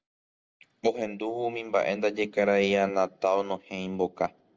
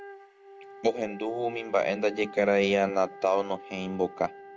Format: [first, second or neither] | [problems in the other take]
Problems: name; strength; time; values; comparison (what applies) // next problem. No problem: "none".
first | background sound (Wind instrument, woodwind instrument); 17 dB below the speech